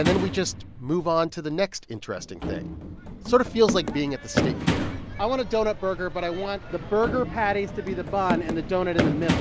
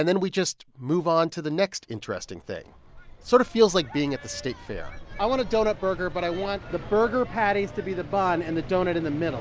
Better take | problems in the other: second | background sound (Run); 4 dB below the speech

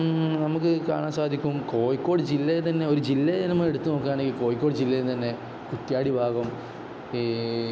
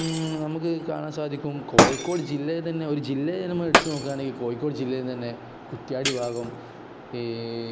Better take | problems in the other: first | background sound (Shatter); as loud as the speech

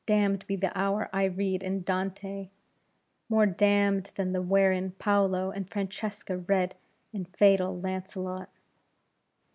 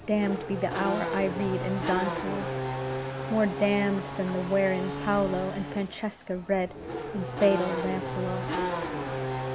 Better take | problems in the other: first | background sound (Race car, auto racing / Accelerating, revving, vroom); 3 dB below the speech

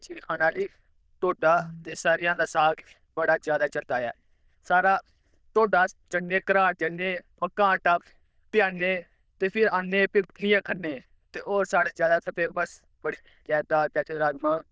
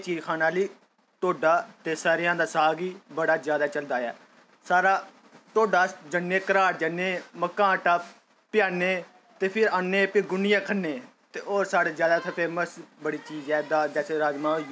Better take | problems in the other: second | noise reduction (neural diffusion model UNIVERSE++)

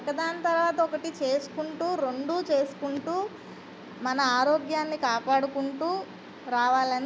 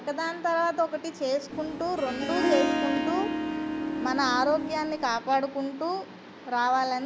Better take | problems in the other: first | background sound (Harp); 1 dB below the speech

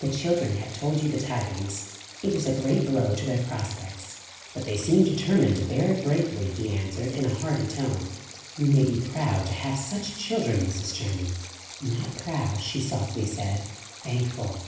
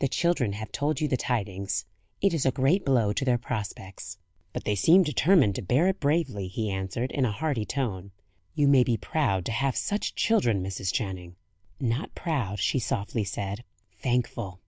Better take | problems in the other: second | background sound (Stream); 16 dB below the speech // room echo; dies away in 0.9 s

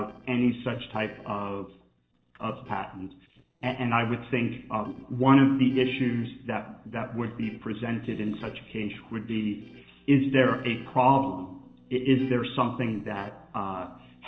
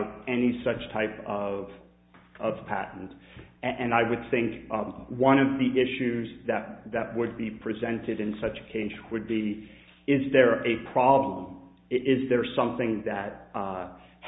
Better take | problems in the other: second | noise reduction (neural separator model SepFormer DNS4)

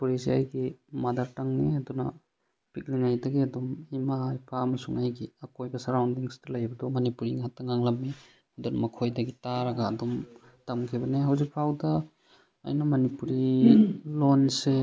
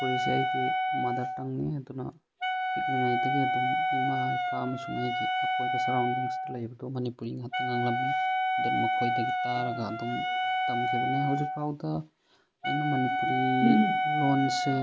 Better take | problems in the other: first | background sound (Wind instrument, woodwind instrument); 3 dB above the speech

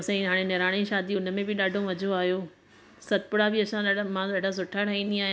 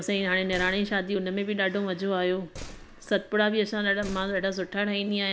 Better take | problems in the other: first | background sound (Slam); 17 dB below the speech

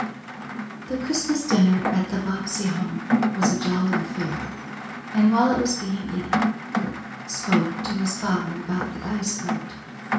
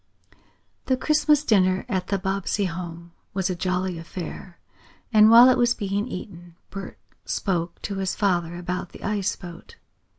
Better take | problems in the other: second | background sound (Rain); 3 dB below the speech // room echo; dies away in 0.6 s

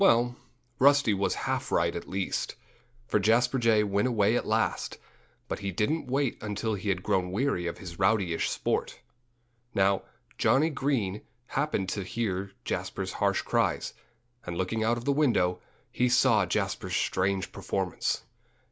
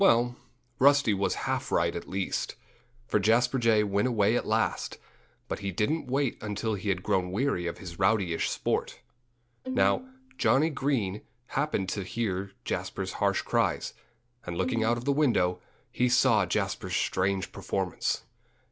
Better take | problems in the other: first | background sound (Bowed string instrument); 9 dB below the speech

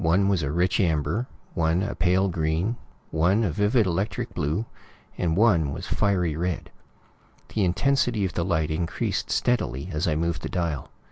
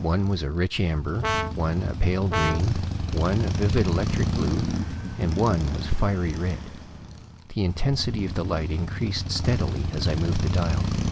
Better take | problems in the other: first | background sound (Brass instrument + Motorcycle); 2 dB below the speech

